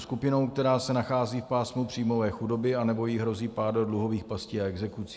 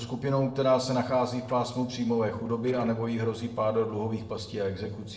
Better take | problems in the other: first | noise reduction (neural separator model SepFormer DNS4)

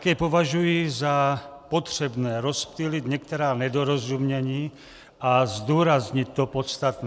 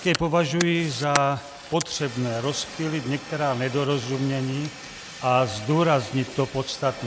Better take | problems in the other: first | background sound (Fire); 12 dB below the speech

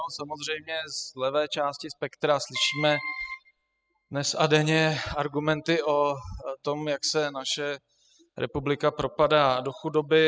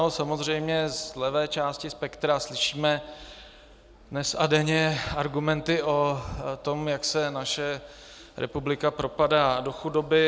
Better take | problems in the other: second | noise reduction (classical method spectral subtraction)

